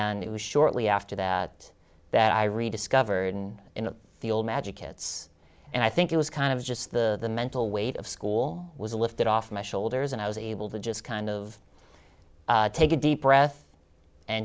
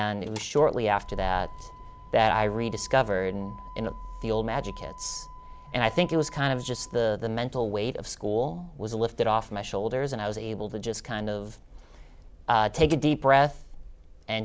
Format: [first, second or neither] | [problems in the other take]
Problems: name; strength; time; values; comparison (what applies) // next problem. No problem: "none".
first | background sound (Motor vehicle (road)); 16 dB below the speech